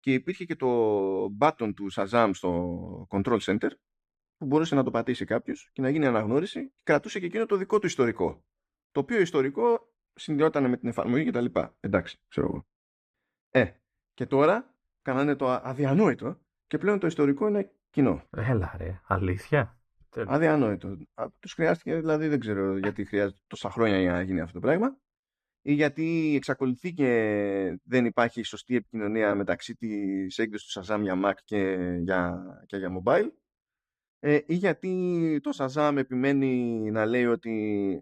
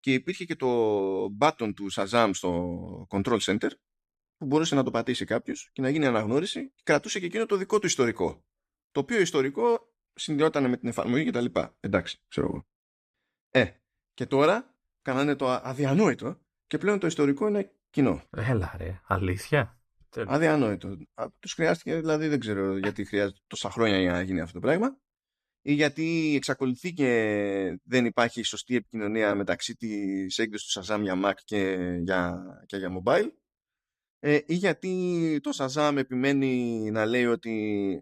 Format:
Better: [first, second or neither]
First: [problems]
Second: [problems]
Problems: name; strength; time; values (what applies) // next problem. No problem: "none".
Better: second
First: muffled; slightly; fading above 3 kHz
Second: none